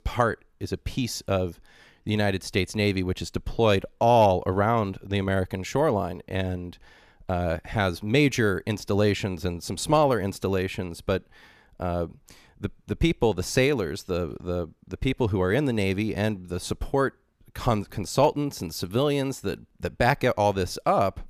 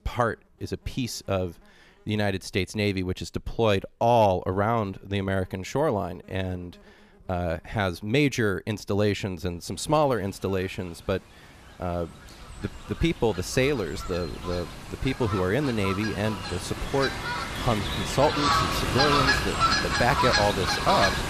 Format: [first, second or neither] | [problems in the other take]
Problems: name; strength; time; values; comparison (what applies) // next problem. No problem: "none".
first | animal sounds; very loud; throughout; as loud as the speech